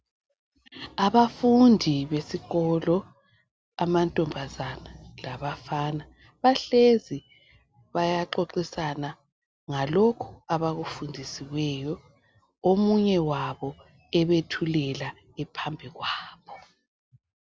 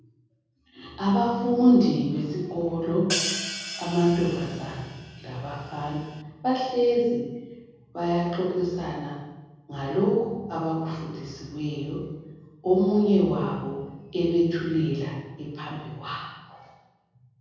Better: first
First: none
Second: background sound (Hi-hat); 8 dB below the speech // room echo; dies away in 1.3 s

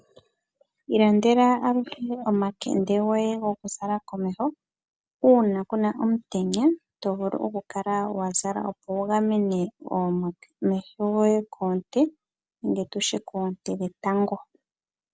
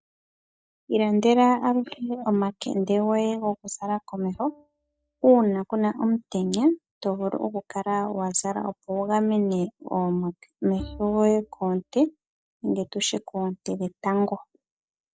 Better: first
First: none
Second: noise reduction (neural mask model DeepFilterNet 3)

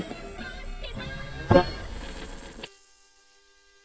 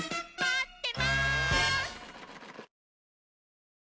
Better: second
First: noise reduction (neural mask model DeepFilterNet 3)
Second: none

